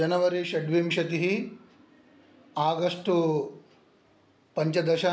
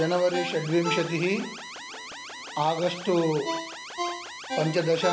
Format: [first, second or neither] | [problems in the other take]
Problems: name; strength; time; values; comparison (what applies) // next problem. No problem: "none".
first | background sound (Alarm + Ringtone); 7 dB below the speech